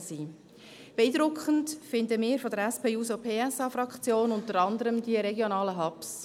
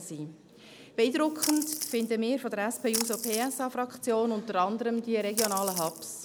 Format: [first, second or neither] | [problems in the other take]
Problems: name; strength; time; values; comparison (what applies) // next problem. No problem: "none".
first | background sound (Splash, splatter); 5 dB below the speech